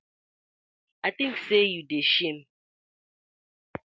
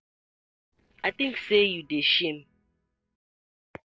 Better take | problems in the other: first | noise reduction (neural separator model SepFormer DNS4)

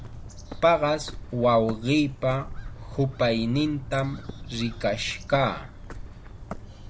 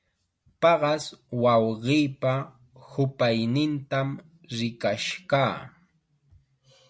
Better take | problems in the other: second | background sound (Bird); 12 dB below the speech

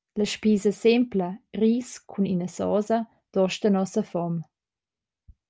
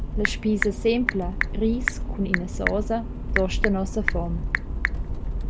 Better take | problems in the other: first | background sound (Telephone / Typing + Accelerating, revving, vroom); 1 dB above the speech

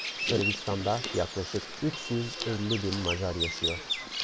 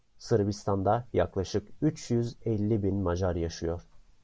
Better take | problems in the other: second | background sound (Bird vocalization, bird call, bird song); 3 dB below the speech

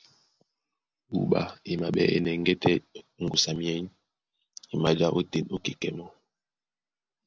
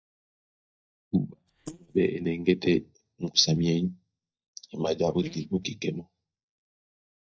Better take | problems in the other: first | noise reduction (neural mask model DeepFilterNet 3)

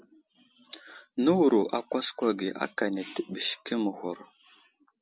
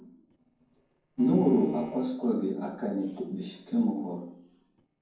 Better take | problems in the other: first | noise reduction (neural separator model SepFormer DNS4)

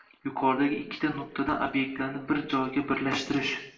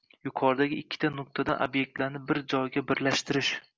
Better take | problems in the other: second | room echo; dies away in 0.7 s

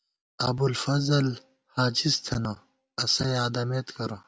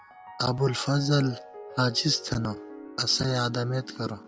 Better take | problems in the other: first | background sound (Piano); 16 dB below the speech

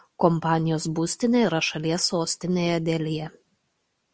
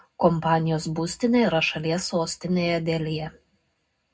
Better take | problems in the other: first | room echo; dies away in 0.3 s

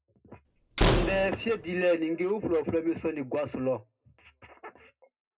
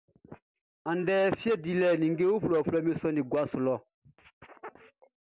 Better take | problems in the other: second | background sound (Slam); 1 dB above the speech // room echo; dies away in 0.2 s

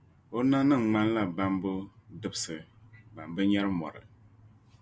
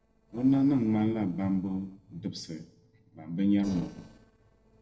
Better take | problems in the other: first | noise reduction (neural separator model SepFormer DNS4)

